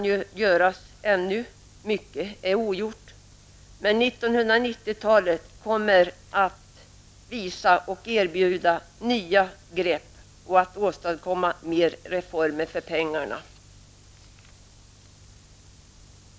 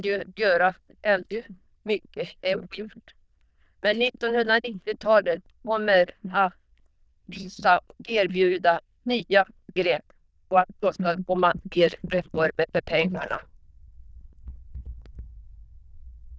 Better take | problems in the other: first | noise reduction (neural diffusion model UNIVERSE++)

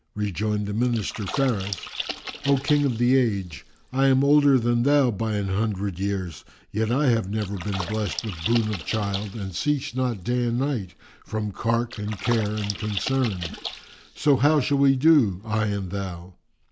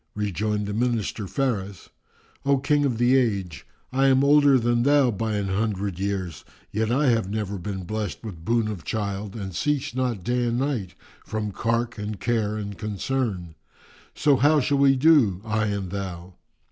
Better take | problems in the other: second | background sound (Splash, splatter); 13 dB below the speech

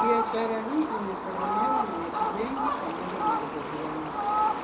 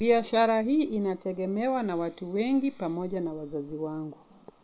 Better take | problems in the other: second | background sound (Fowl); 4 dB above the speech // room echo; dies away in 0.3 s

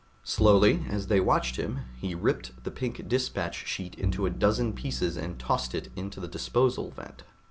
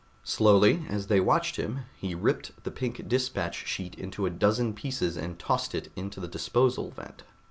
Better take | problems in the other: second | background sound (Bowed string instrument); 8 dB below the speech

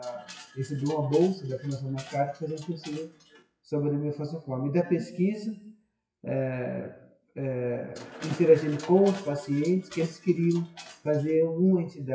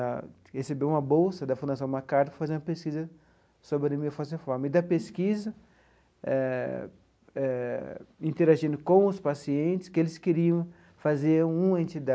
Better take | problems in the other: second | noise reduction (classical method WPE with log-MMSE)

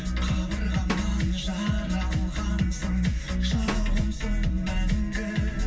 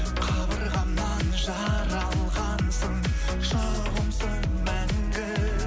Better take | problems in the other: second | background sound (Drum); 13 dB below the speech // room echo; dies away in 0.1 s

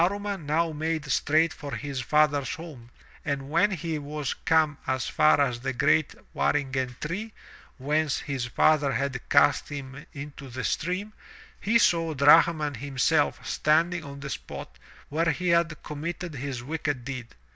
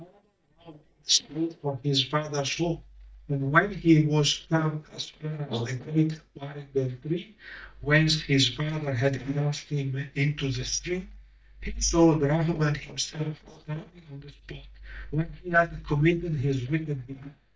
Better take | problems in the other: first | noise reduction (neural mask model DeepFilterNet 3)

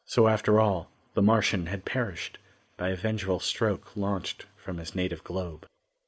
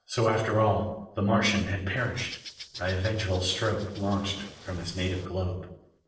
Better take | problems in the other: first | noise reduction (neural separator model SepFormer DNS4)

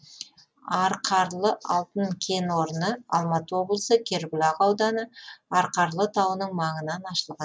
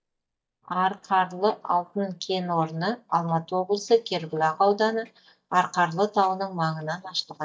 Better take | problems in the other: first | noise reduction (neural mask model DeepFilterNet 3)

